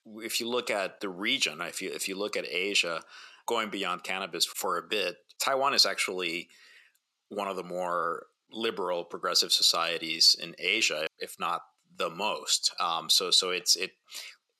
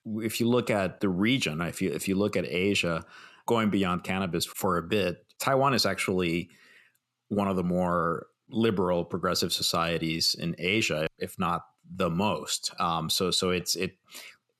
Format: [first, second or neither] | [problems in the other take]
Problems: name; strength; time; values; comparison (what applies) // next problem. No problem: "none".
second | thin; somewhat; fading below 400 Hz